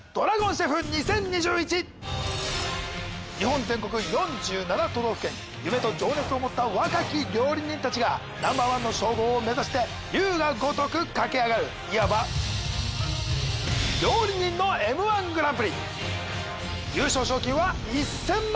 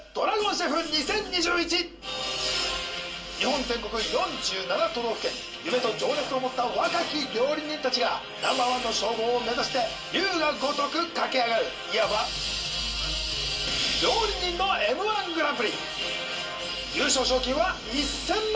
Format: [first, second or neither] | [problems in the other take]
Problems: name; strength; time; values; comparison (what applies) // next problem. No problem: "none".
first | room echo; dies away in 0.2 s